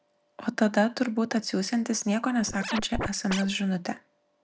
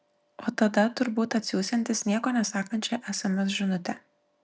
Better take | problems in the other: second | background sound (Scratching (performance technique)); 6 dB below the speech

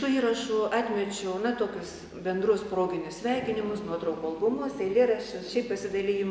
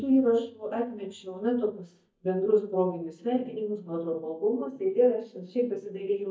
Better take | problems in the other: first | noise reduction (neural mask model DeepFilterNet 3)

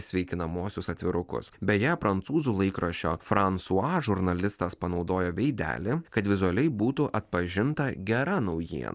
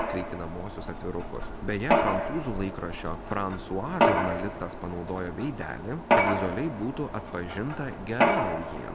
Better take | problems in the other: first | background sound (Mechanisms); 4 dB above the speech

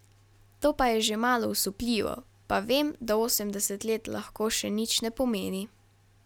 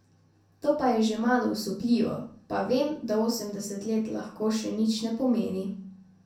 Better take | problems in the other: first | room echo; dies away in 0.5 s

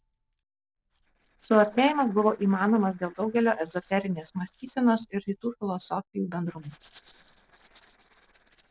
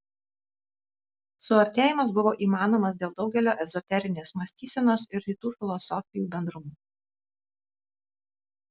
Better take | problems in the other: second | noise reduction (neural separator model SepFormer DNS4)

